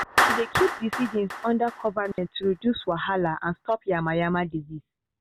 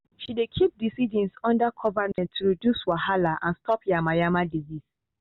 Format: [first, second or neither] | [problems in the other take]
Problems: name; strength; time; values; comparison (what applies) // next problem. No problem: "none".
second | background sound (Clapping); 5 dB below the speech